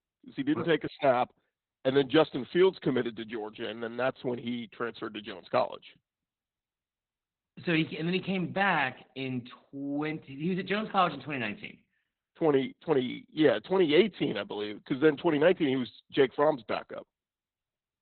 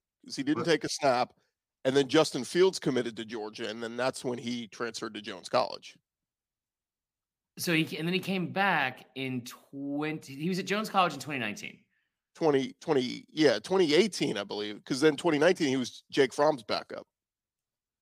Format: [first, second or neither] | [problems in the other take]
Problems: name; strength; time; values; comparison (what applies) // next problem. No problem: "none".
second | garbled, watery; badly; nothing above 4 kHz